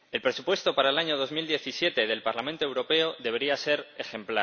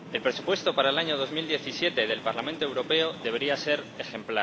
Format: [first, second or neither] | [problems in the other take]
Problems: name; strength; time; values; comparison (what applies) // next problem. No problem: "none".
first | background sound (Train); 14 dB below the speech